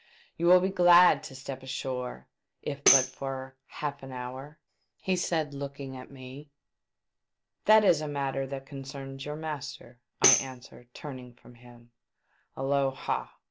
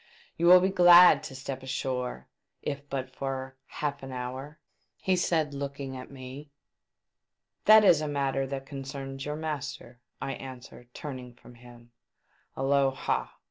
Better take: second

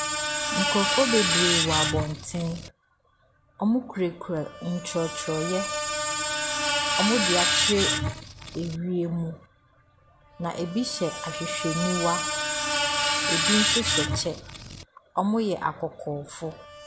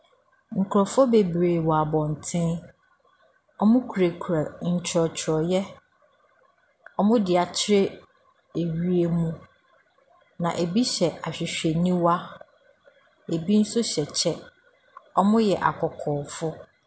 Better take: second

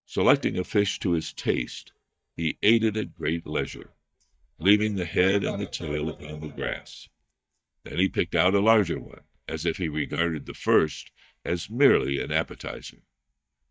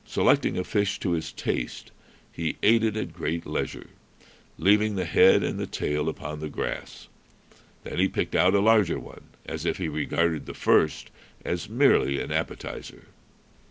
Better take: second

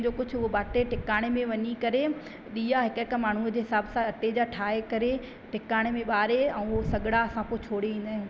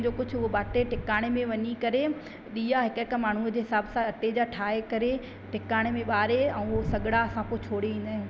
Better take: first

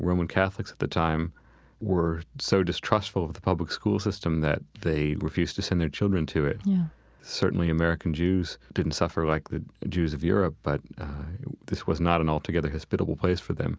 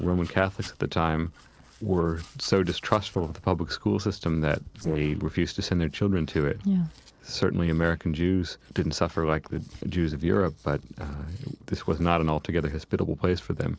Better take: first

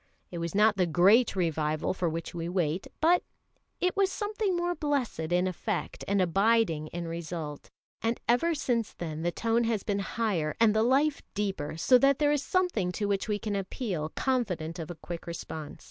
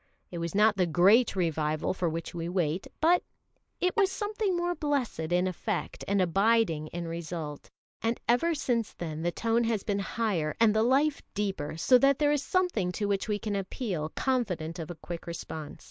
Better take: first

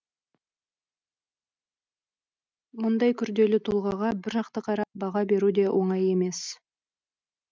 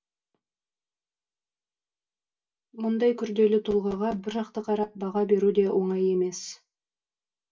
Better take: first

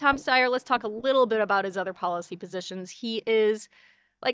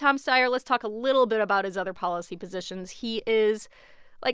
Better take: second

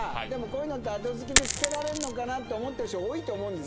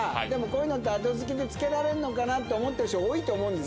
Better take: second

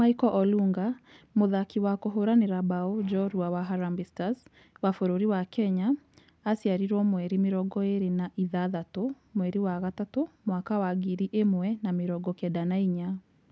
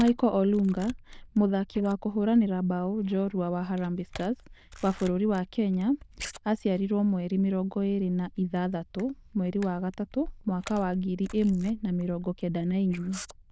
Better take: first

